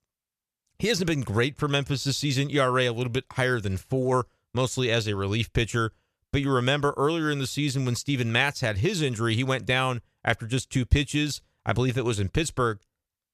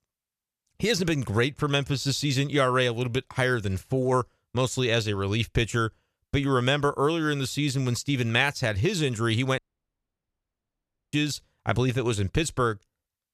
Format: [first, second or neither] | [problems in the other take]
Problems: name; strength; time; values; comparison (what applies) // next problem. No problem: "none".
first | audio cutting out; at 9.5 s for 1.5 s